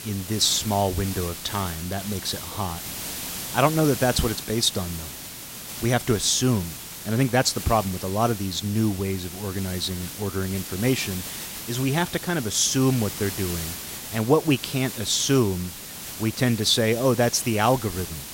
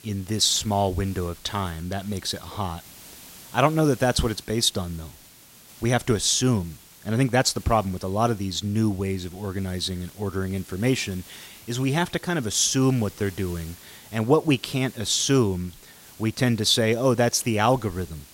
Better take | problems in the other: second | hiss; loud; throughout; 9 dB below the speech; faint in the second

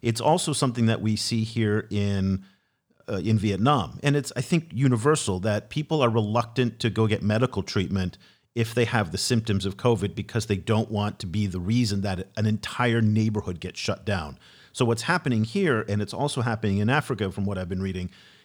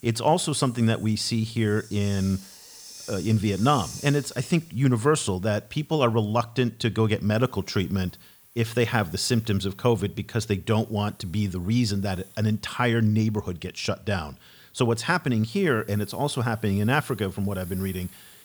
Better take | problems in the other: first | hiss; faint; throughout; 20 dB below the speech

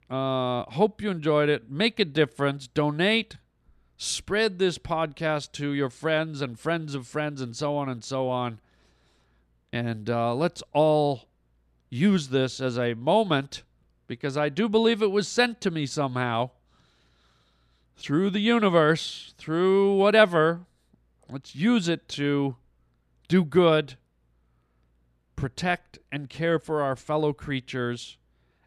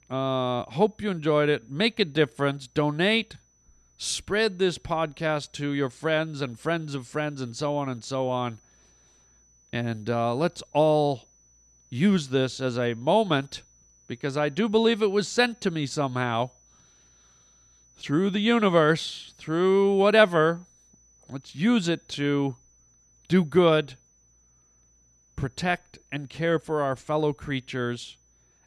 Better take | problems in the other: first | high-pitched whine; faint; throughout; 6 kHz, 35 dB below the speech

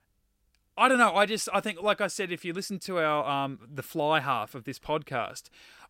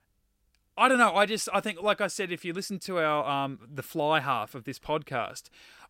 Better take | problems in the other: neither | none

